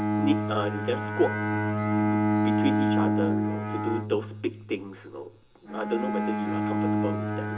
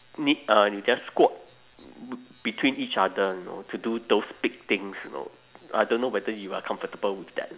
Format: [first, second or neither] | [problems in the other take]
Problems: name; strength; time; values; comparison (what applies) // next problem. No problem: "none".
second | background sound (Bowed string instrument); 5 dB above the speech // room echo; dies away in 0.2 s